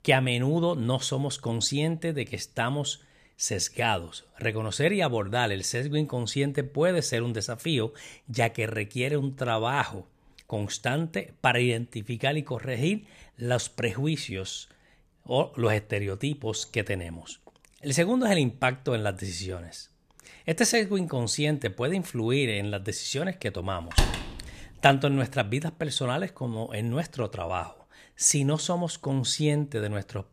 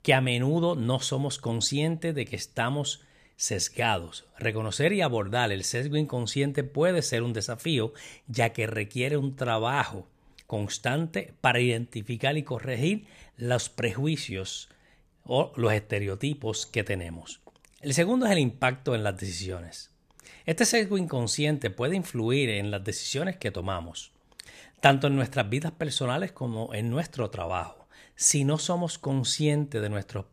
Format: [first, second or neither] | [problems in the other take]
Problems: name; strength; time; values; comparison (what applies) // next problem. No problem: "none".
second | door banging; loud; at 24 s; peak 1 dB above the speech